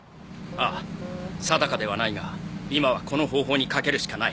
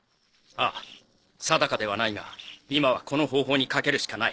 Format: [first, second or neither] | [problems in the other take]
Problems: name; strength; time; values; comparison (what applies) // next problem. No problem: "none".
first | noise reduction (neural separator model SepFormer DNS4)